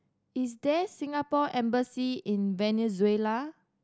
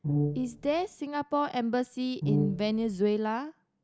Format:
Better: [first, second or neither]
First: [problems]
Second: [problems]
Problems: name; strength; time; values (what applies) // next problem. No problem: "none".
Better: first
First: none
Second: background sound (Brass instrument); 2 dB below the speech